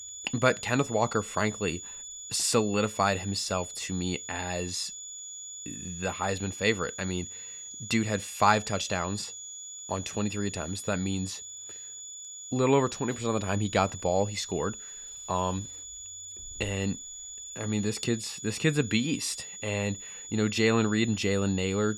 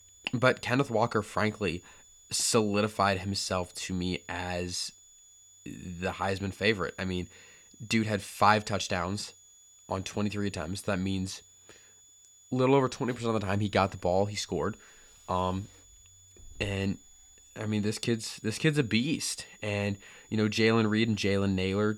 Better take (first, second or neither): second